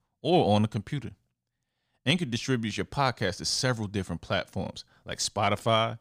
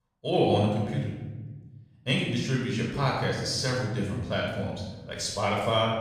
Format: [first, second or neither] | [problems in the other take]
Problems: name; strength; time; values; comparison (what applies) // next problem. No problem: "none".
first | off-mic speech; far // room echo; noticeable; dies away in 1.1 s